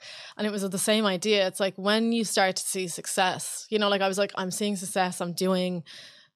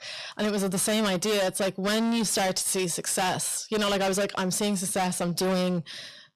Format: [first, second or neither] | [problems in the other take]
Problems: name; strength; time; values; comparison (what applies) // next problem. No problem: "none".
first | distortion; heavy; 28% of the sound clipped